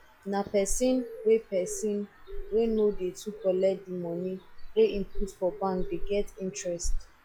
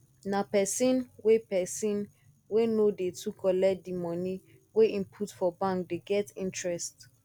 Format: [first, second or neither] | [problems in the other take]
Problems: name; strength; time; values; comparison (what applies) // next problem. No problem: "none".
second | noise reduction (classical method log-MMSE)